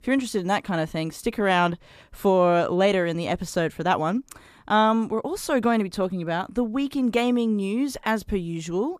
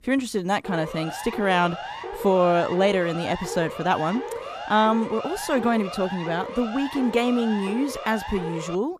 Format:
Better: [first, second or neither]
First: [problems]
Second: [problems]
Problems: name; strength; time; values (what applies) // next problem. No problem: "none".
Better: first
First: none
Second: siren; noticeable; from 0.5 s on; peak 8 dB below the speech